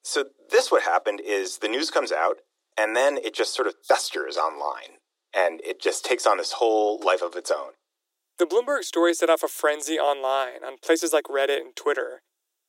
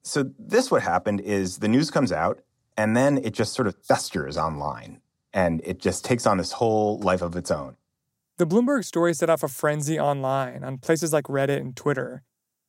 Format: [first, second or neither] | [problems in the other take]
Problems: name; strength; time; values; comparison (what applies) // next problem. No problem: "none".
second | thin; very; fading below 300 Hz